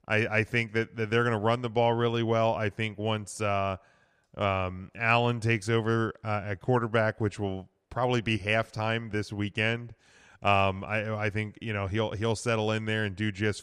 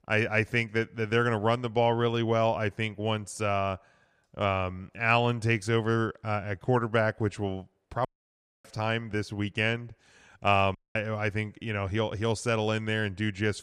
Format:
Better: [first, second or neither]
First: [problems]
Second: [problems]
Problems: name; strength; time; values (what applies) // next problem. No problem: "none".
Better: first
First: none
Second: audio cutting out; at 8 s for 0.5 s and at 11 s